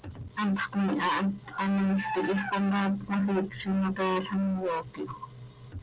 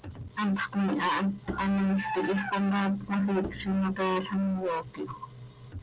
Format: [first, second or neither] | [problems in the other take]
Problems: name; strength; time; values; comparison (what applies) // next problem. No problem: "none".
first | background sound (Bowed string instrument); 14 dB below the speech